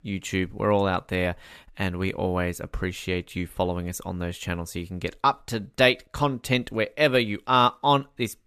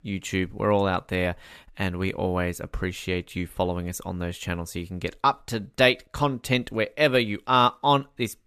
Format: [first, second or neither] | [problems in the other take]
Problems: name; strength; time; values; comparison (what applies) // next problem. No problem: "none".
neither | none